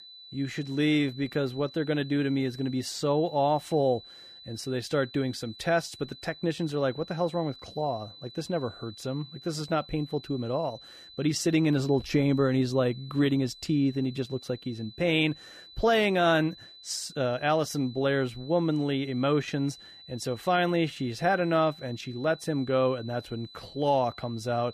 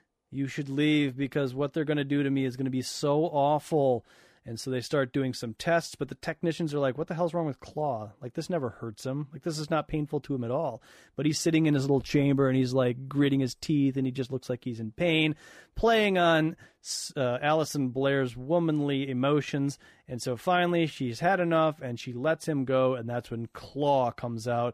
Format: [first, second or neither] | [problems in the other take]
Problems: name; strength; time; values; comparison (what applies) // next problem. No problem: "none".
second | high-pitched whine; noticeable; throughout; 4 kHz, 20 dB below the speech